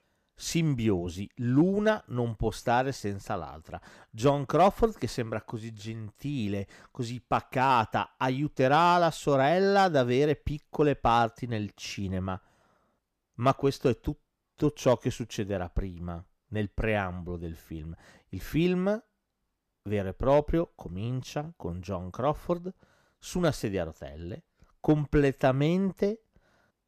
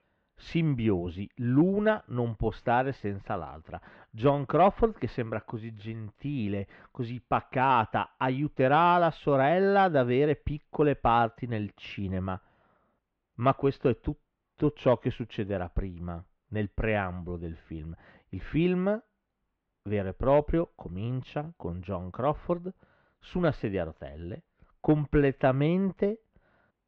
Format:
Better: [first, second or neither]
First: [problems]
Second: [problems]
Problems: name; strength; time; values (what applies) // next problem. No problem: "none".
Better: first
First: none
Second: muffled; very; fading above 3 kHz